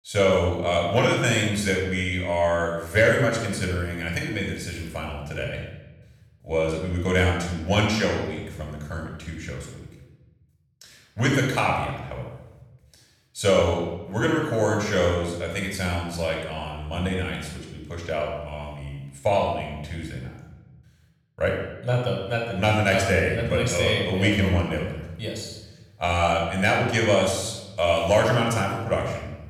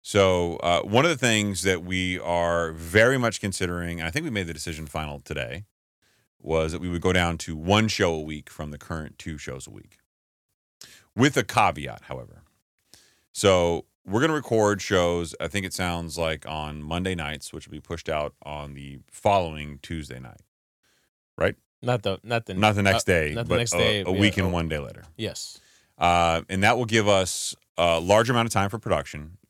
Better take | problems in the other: second | off-mic speech; somewhat distant // room echo; noticeable; dies away in 0.9 s

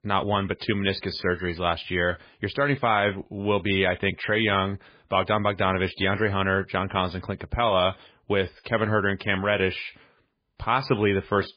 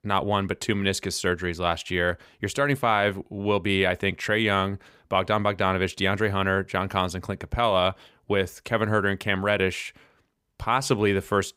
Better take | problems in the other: second | garbled, watery; badly

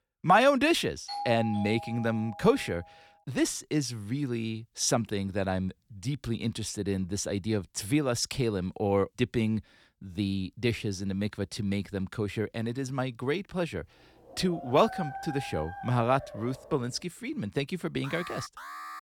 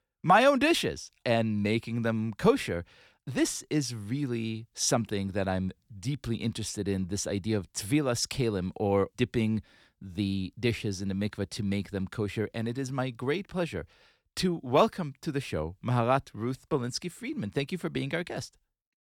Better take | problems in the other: second | doorbell; noticeable; from 1 to 3 s; peak 6 dB below the speech // dog barking; noticeable; from 14 to 17 s; peak 8 dB below the speech // alarm; faint; at 18 s; peak 10 dB below the speech

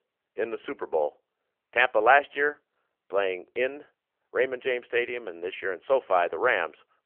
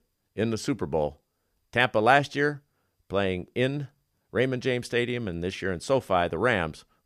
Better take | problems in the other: second | phone-call audio; nothing above 3 kHz

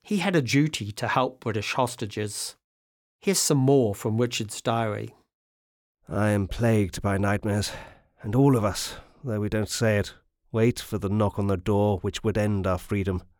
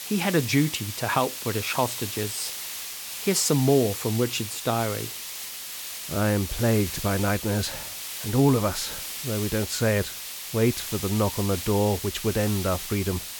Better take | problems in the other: first | hiss; loud; throughout; 7 dB below the speech

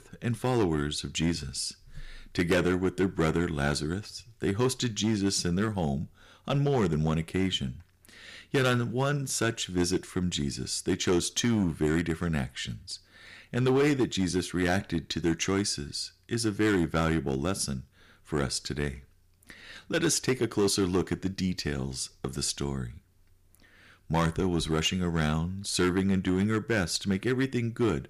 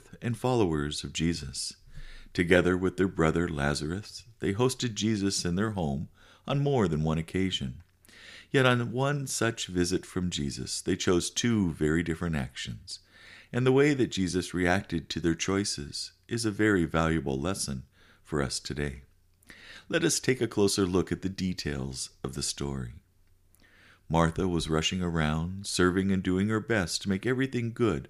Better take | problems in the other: second | distortion; slight; 4% of the sound clipped

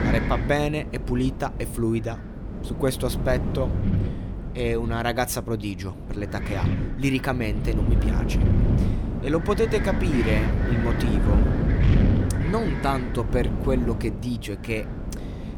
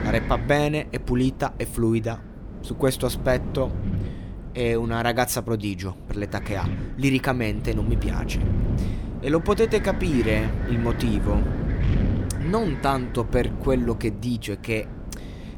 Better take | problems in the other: second | wind noise on the microphone; heavy; 5 dB below the speech; occasional gusts in the second

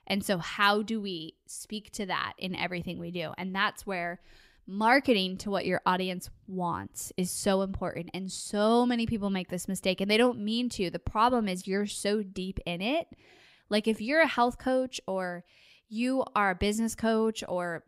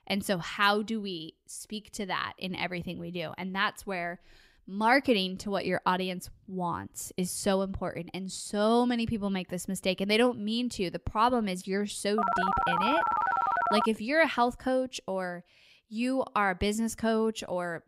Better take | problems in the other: first | phone ringing; loud; from 12 to 14 s; peak 3 dB above the speech

